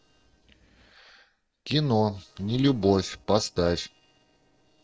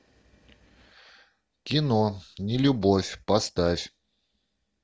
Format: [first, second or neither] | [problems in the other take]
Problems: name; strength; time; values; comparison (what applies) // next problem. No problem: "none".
second | noise reduction (neural separator model SepFormer DNS4)